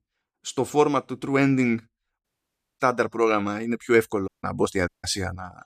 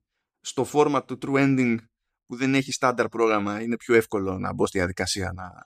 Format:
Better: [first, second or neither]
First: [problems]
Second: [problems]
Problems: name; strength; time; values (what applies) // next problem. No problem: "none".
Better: second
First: audio cutting out; at 2 s for 0.5 s, at 4.5 s and at 5 s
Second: none